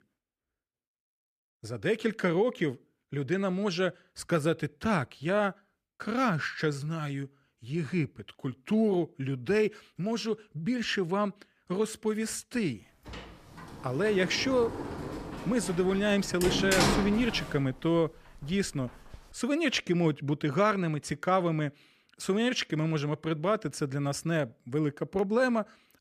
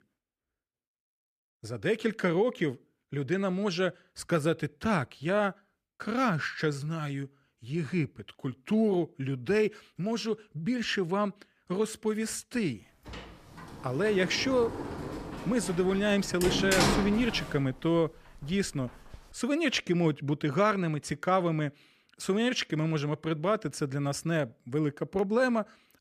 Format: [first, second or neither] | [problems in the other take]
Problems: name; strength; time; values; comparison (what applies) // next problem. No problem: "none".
neither | door banging; loud; from 13 to 19 s; peak 4 dB above the speech; the same in both